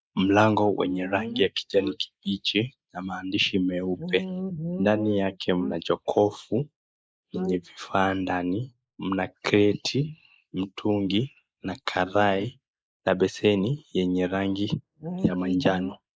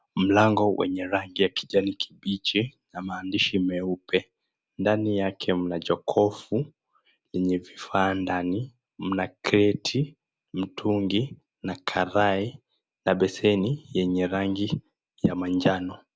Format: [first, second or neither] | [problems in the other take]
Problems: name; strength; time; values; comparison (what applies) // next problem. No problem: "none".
second | noise reduction (neural mask model Resemble Enhance denoiser)